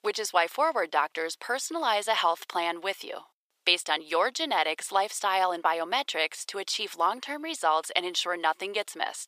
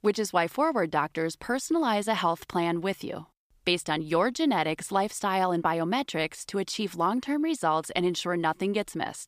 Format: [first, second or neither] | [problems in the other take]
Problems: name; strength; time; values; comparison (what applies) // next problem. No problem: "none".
second | thin; very; fading below 500 Hz